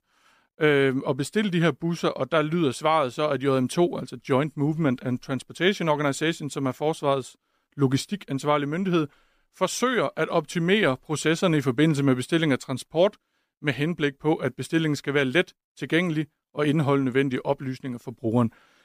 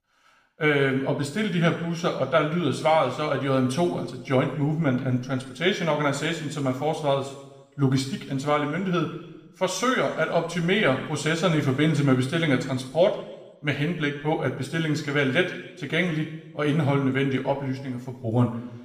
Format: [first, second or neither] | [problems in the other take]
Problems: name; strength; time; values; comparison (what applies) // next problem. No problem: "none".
first | room echo; slight; dies away in 0.9 s // off-mic speech; somewhat distant